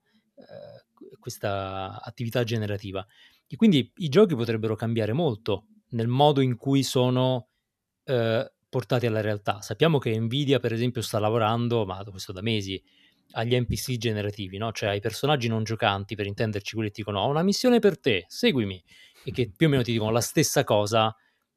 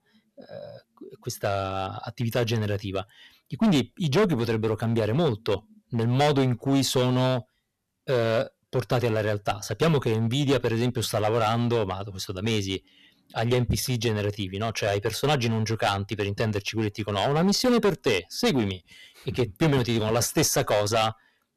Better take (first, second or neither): first